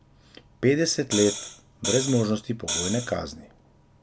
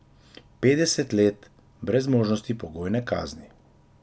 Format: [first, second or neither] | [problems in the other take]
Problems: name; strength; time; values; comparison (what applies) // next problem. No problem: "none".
second | background sound (Hi-hat); 5 dB below the speech